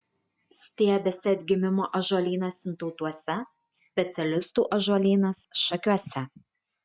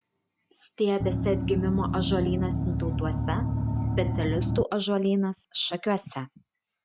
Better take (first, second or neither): first